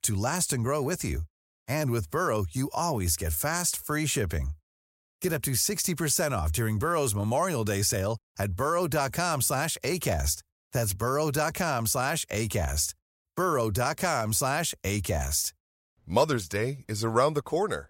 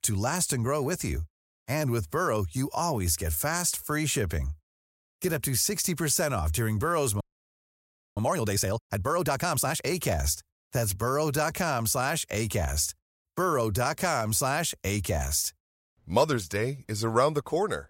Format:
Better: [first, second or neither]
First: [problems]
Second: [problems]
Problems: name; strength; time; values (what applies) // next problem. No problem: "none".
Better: first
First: none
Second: audio freezing; at 7 s for 1 s